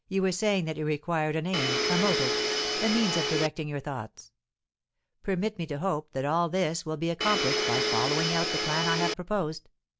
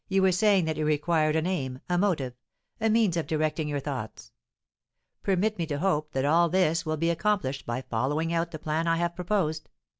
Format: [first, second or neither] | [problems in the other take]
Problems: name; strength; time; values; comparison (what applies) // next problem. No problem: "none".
second | background sound (Domestic sounds, home sounds); 2 dB above the speech